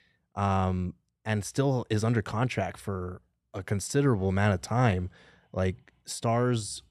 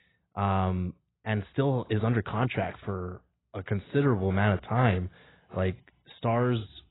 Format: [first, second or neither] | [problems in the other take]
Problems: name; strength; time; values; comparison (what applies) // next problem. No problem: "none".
first | garbled, watery; badly; nothing above 4 kHz